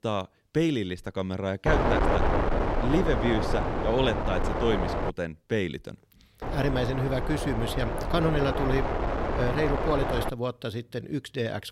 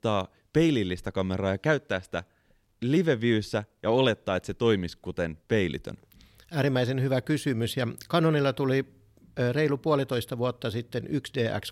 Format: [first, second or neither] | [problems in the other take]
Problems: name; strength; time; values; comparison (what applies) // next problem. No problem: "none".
second | wind noise on the microphone; heavy; from 1.5 to 5 s and from 6.5 to 10 s; 1 dB above the speech